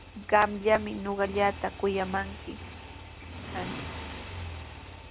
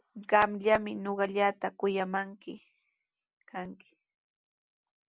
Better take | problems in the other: second | background sound (Motorcycle); 10 dB below the speech

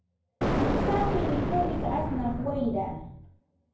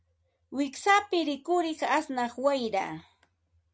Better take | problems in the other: second | background sound (Explosion); 2 dB above the speech // room echo; dies away in 0.9 s

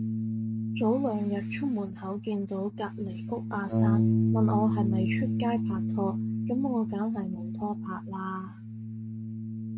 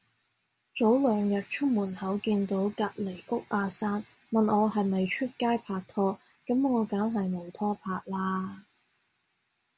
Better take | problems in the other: second | noise reduction (neural mask model RNNoise)

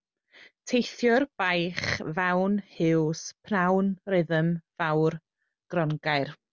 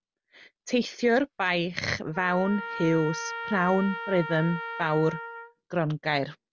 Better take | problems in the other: first | background sound (Trumpet); 11 dB below the speech

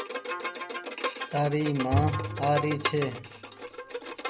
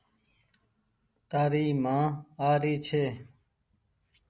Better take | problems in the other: second | background sound (Bowed string instrument + Bowed string instrument); 2 dB below the speech

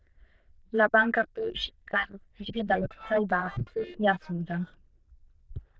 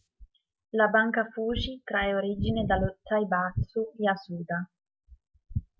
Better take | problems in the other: second | noise reduction (neural diffusion model UNIVERSE++)

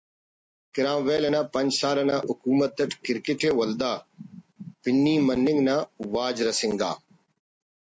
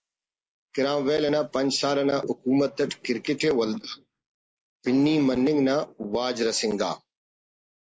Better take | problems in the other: first | noise reduction (neural mask model Resemble Enhance denoiser)

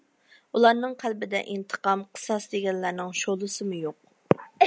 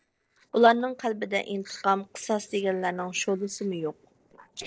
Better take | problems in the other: first | noise reduction (neural separator model SepFormer DNS4)

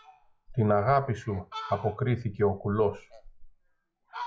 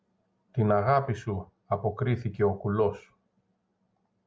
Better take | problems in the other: second | noise reduction (classical method log-MMSE)

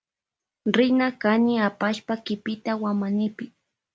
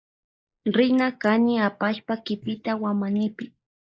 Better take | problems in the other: first | noise reduction (neural mask model Resemble Enhance denoiser)

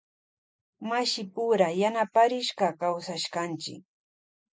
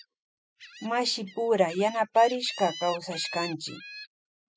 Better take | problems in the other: first | noise reduction (classical method spectral subtraction)

